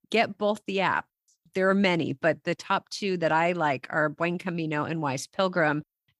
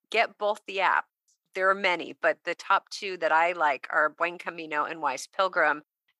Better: first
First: none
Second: thin; very; fading below 550 Hz

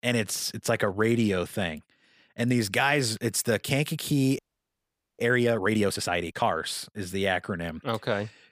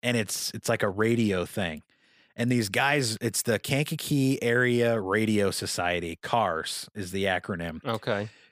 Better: second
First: audio freezing; at 4.5 s for 1 s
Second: none

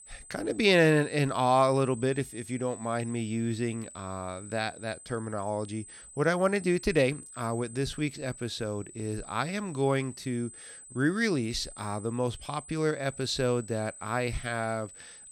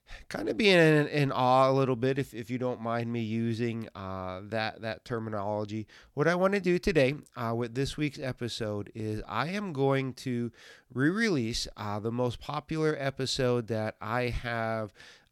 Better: second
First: high-pitched whine; noticeable; throughout; 8 kHz, 15 dB below the speech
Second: none

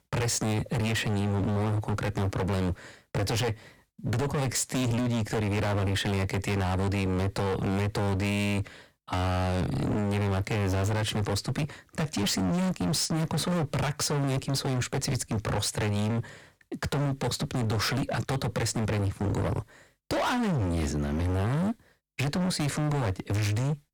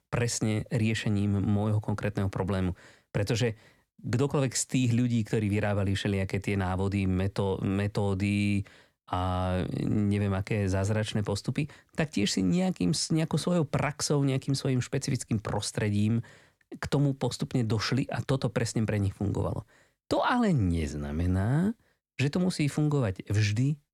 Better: second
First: distortion; heavy; 38% of the sound clipped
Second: none

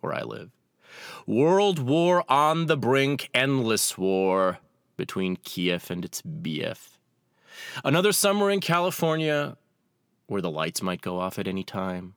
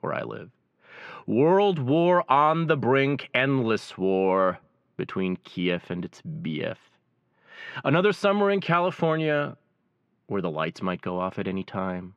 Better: first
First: none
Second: muffled; very; fading above 2 kHz

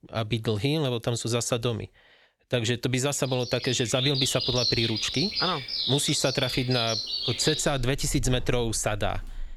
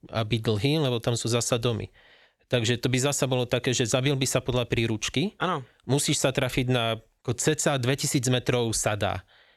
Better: second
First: animal sounds; loud; from 3.5 s on; 1 dB below the speech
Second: none

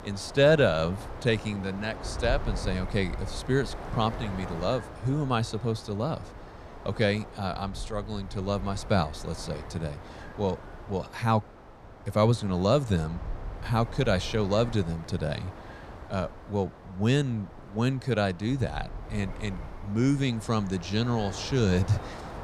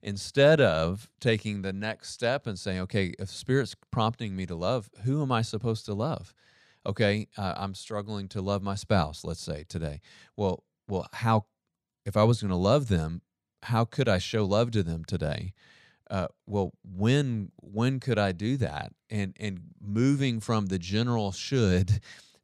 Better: second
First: wind noise on the microphone; occasional gusts; 15 dB below the speech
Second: none

